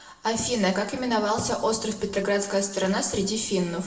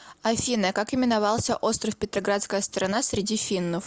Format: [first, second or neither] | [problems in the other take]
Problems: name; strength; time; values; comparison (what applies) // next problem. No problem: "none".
second | room echo; dies away in 0.9 s